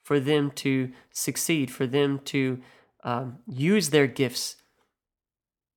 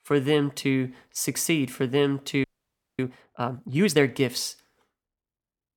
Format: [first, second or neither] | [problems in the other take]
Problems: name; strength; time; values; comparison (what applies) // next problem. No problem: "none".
first | audio freezing; at 2.5 s for 0.5 s